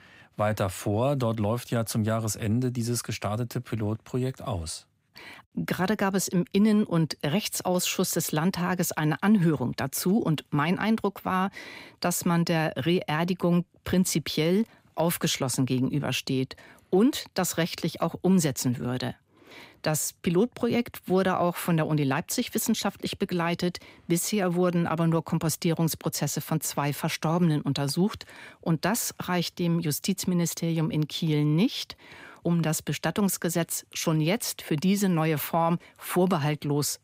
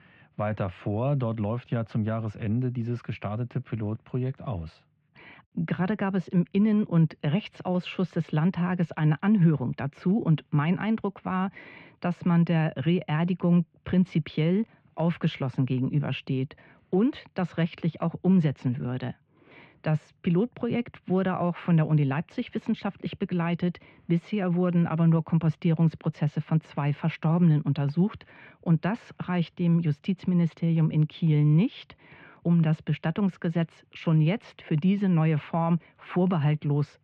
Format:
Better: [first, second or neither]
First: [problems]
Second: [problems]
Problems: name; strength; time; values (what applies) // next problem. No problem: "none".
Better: first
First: none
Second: muffled; very; fading above 3 kHz